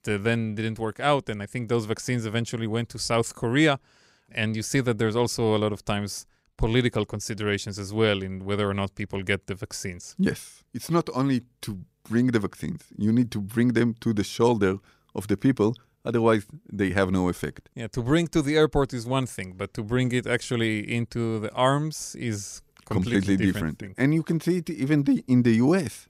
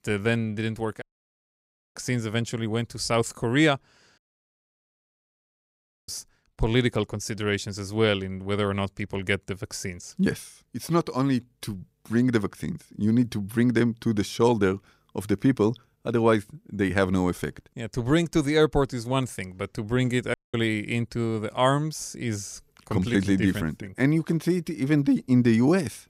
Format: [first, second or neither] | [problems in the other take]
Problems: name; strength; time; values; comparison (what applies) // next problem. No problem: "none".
first | audio cutting out; at 1 s for 1 s, at 4 s for 2 s and at 20 s